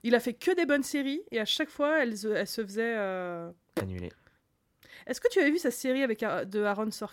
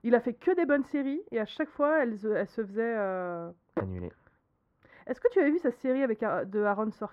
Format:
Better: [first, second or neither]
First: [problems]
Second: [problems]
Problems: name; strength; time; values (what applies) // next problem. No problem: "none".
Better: first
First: none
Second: muffled; very; fading above 3 kHz